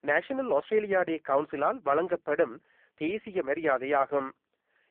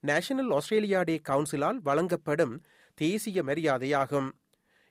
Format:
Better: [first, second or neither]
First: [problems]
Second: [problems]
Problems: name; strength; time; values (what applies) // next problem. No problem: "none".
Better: second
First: phone-call audio; poor line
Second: none